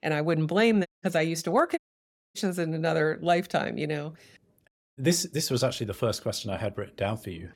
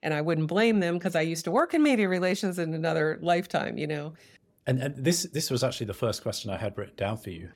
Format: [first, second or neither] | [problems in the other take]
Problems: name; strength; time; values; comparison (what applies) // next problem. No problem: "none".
second | audio cutting out; at 1 s, at 2 s for 0.5 s and at 4.5 s